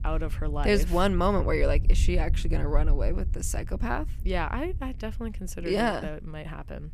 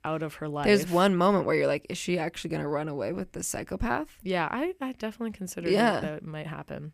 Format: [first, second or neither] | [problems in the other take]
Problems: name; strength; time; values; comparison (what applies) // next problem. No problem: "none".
second | low rumble; faint; throughout; 20 dB below the speech